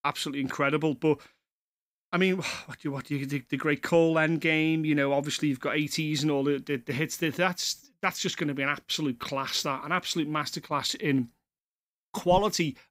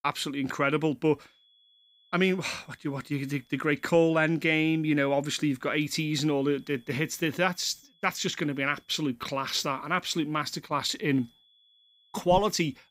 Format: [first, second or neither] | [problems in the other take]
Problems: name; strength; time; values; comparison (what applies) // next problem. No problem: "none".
first | high-pitched whine; faint; from 1.5 to 4 s, from 6 to 9 s and from 11 s on; 3.5 kHz, 35 dB below the speech